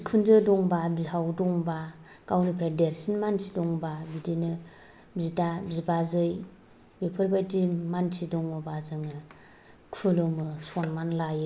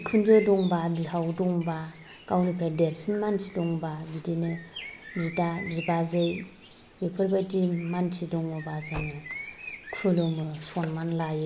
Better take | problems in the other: first | background sound (Car + Bird); 16 dB below the speech

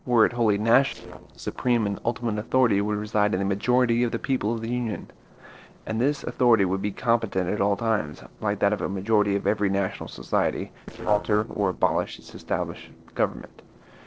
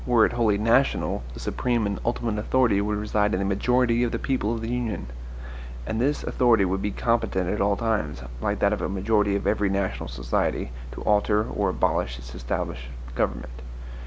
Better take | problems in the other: second | noise reduction (neural separator model SepFormer DNS4)

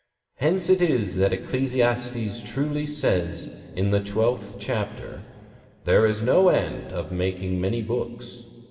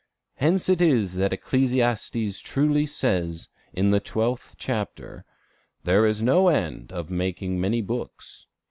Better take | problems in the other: second | room echo; dies away in 2.3 s

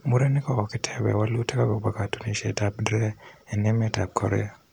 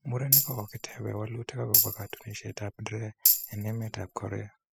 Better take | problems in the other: first | noise reduction (classical method spectral subtraction)

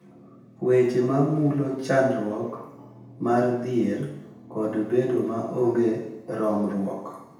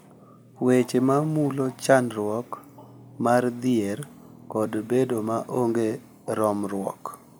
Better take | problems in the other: second | room echo; dies away in 0.8 s

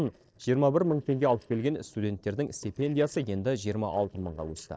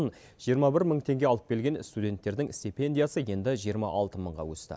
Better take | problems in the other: second | noise reduction (neural separator model SepFormer DNS4)

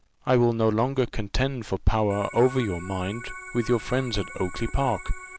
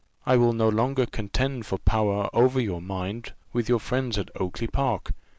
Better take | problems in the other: second | background sound (Organ); 15 dB below the speech

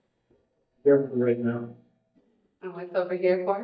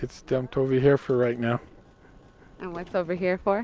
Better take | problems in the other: second | noise reduction (neural mask model DeepFilterNet 3)

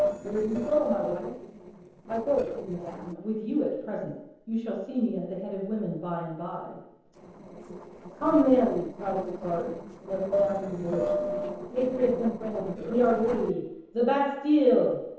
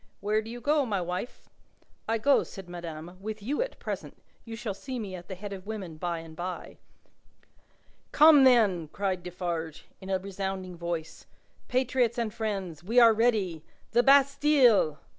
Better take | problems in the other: second | noise reduction (neural separator model SepFormer DNS4)

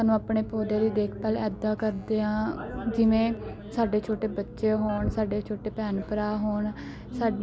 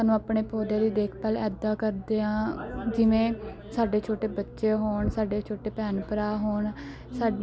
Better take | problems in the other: second | background sound (Keyboard (musical)); 16 dB below the speech

